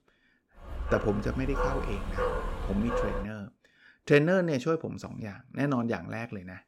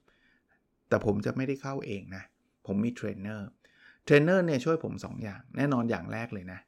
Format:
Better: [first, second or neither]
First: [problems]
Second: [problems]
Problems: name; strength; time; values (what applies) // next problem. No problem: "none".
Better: second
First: dog barking; noticeable; from 0.5 to 3 s; peak 1 dB below the speech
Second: none